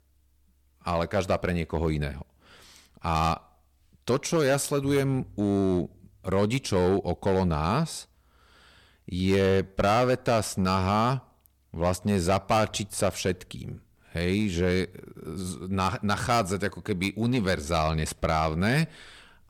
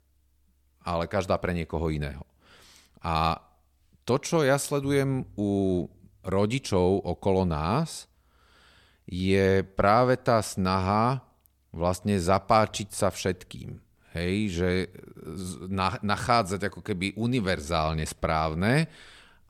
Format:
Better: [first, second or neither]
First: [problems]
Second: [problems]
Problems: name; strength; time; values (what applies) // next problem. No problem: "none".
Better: second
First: distortion; slight; 5% of the sound clipped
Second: none